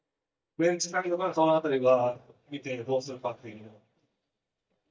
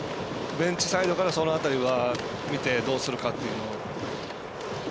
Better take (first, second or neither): second